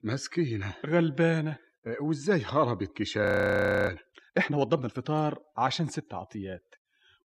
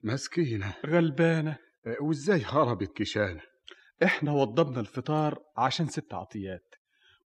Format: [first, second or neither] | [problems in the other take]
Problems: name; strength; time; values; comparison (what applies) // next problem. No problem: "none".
second | audio freezing; at 3 s for 0.5 s